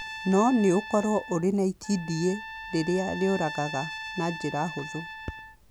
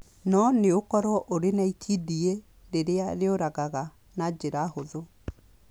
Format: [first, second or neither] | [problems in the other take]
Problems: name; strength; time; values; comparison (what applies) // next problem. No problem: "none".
second | background sound (Trumpet); 12 dB below the speech